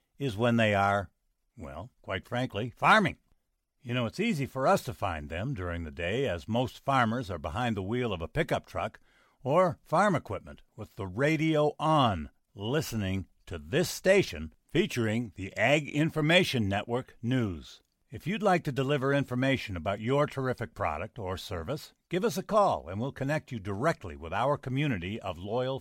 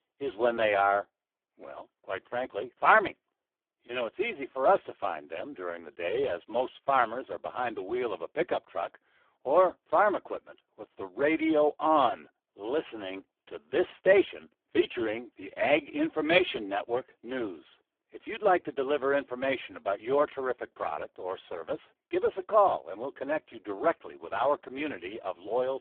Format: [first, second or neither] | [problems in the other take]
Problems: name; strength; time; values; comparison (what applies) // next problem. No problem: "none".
first | phone-call audio; poor line; nothing above 3.5 kHz